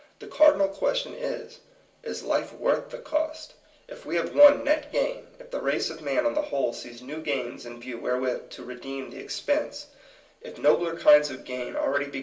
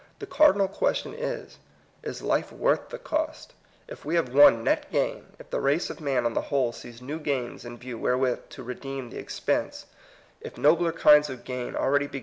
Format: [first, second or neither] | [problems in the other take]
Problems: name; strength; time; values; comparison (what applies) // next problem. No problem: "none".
second | room echo; dies away in 0.3 s